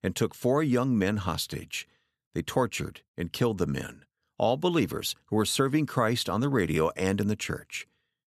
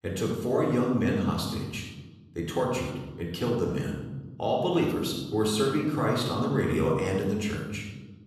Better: first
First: none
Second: off-mic speech; somewhat distant // room echo; noticeable; dies away in 1.2 s

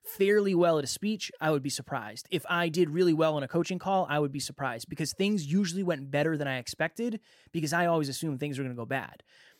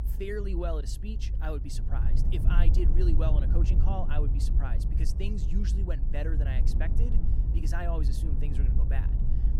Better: first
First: none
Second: low rumble; loud; throughout; 6 dB below the speech

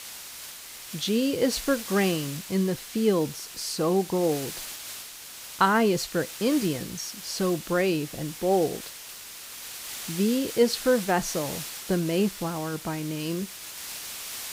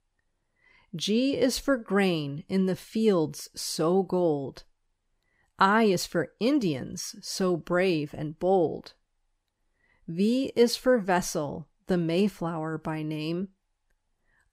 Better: second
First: hiss; noticeable; throughout; 10 dB below the speech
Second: none

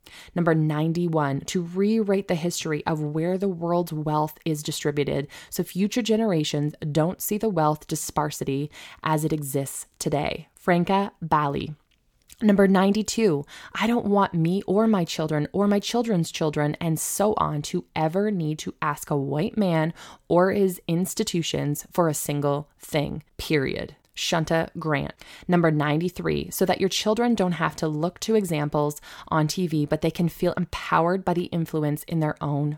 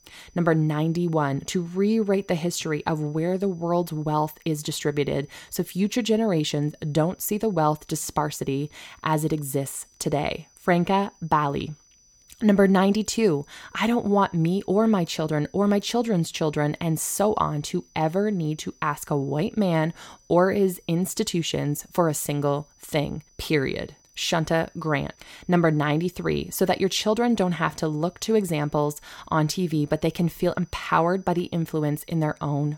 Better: first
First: none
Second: high-pitched whine; faint; throughout; 6 kHz, 30 dB below the speech

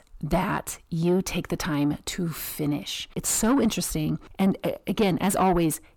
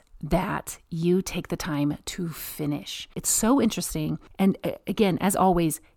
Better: second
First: distortion; slight; 10 dB below the speech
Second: none

